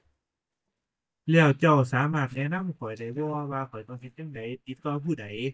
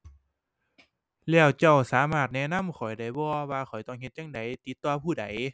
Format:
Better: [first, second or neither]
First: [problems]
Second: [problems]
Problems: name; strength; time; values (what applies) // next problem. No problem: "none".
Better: second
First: noise reduction (neural mask model DeepFilterNet 3)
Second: none